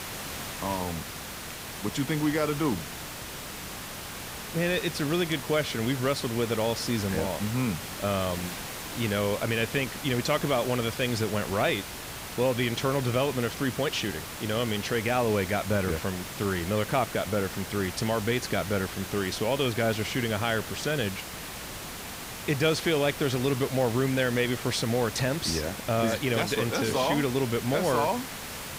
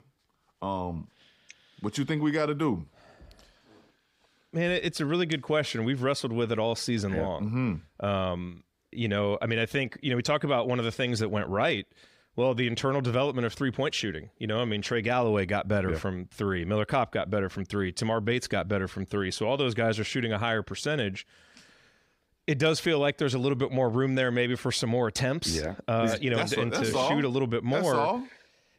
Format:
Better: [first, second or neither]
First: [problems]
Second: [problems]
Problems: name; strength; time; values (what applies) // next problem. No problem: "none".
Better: second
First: hiss; loud; throughout; 8 dB below the speech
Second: none